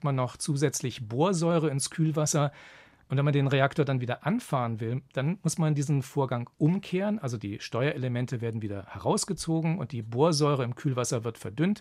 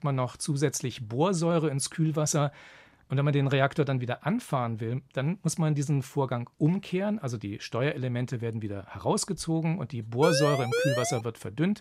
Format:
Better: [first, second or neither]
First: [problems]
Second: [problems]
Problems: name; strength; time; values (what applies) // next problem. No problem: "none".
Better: first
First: none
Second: siren; loud; at 10 s; peak 1 dB above the speech